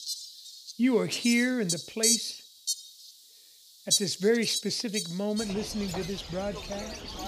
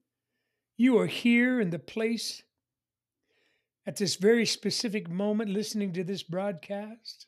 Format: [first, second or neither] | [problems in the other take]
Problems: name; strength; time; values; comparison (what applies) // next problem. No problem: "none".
second | animal sounds; loud; throughout; 2 dB below the speech